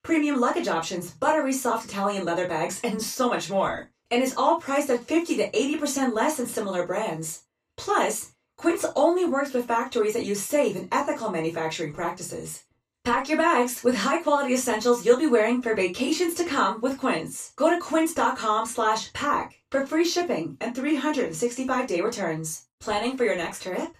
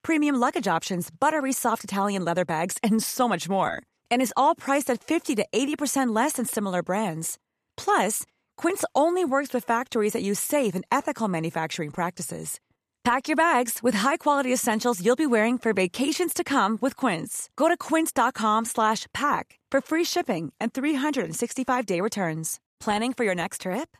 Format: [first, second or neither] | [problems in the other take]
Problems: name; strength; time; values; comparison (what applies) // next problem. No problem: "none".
second | room echo; slight; dies away in 0.2 s // off-mic speech; far